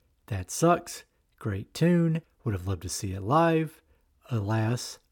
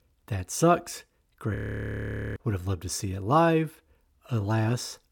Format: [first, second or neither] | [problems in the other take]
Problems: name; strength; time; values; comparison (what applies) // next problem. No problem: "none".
first | audio freezing; at 1.5 s for 1 s